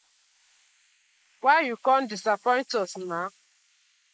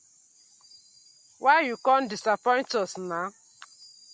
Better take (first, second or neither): second